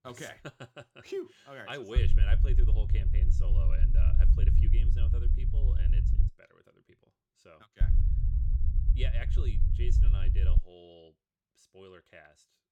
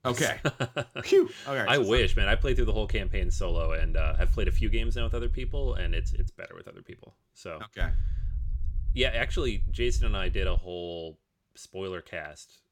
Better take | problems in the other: second | low rumble; loud; from 2 to 6.5 s and from 8 to 11 s; 3 dB below the speech; faint in the second

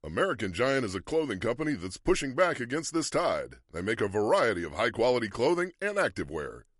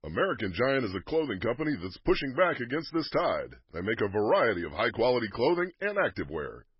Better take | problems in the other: first | garbled, watery; badly; nothing above 5.5 kHz; slightly in the first

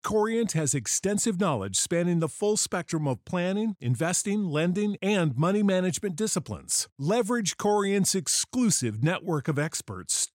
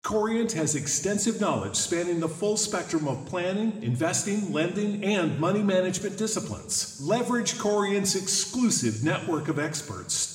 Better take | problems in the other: first | room echo; slight; dies away in 1.3 s

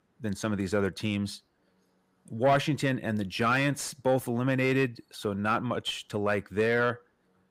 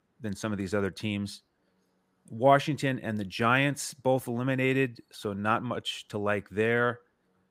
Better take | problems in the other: second | distortion; slight; 10 dB below the speech

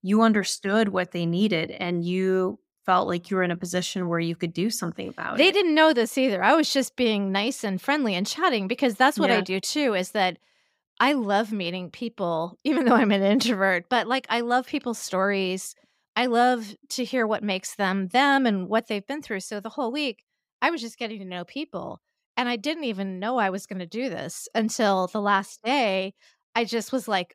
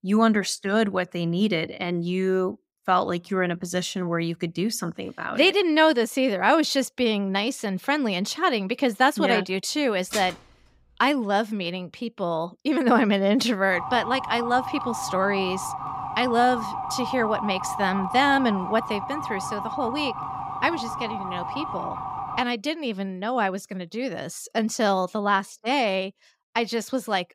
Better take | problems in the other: first | clattering dishes; noticeable; at 10 s; peak 8 dB below the speech // siren; noticeable; from 14 to 22 s; peak 5 dB below the speech

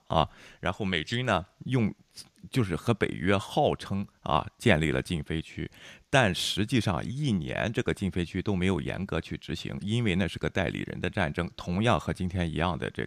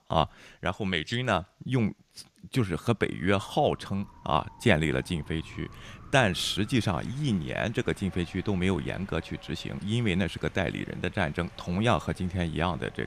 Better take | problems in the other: first | wind in the background; faint; from 3 s on; 20 dB below the speech

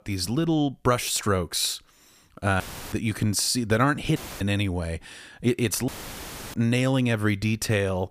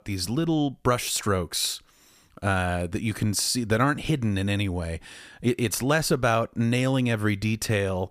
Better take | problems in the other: second | audio cutting out; filled with static; at 2.5 s, at 4 s and at 6 s for 0.5 s

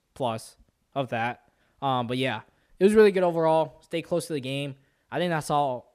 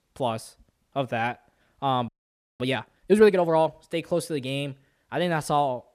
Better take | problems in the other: first | audio freezing; at 2 s for 0.5 s

